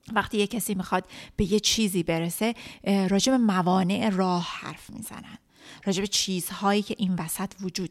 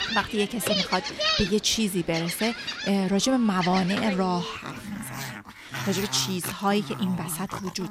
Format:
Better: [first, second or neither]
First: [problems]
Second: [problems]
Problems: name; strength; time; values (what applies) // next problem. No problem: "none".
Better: first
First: none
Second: animal sounds; loud; throughout; 5 dB below the speech